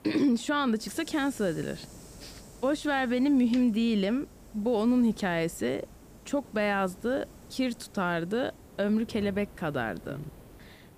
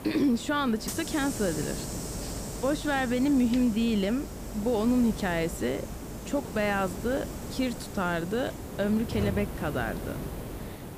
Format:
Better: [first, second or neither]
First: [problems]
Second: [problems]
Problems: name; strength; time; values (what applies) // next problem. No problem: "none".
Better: first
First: hiss; faint; throughout; 20 dB below the speech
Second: hiss; loud; throughout; 8 dB below the speech